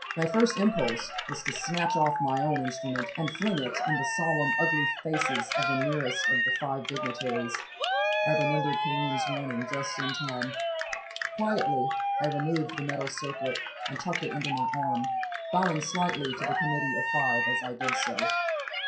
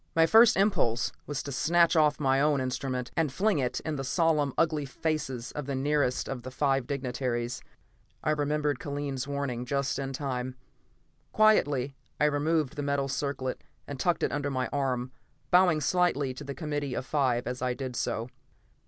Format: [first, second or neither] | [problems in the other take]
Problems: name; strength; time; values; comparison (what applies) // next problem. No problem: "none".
second | noise reduction (classical method WPE with log-MMSE)